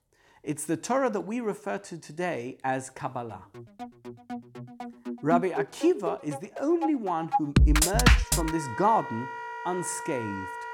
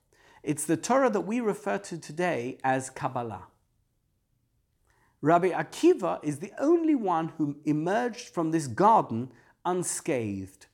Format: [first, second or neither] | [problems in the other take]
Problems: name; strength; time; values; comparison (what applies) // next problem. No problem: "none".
second | background music; very loud; from 3.5 s on; 1 dB above the speech